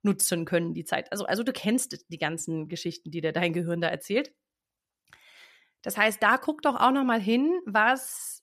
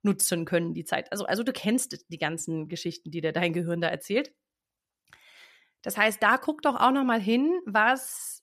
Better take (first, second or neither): neither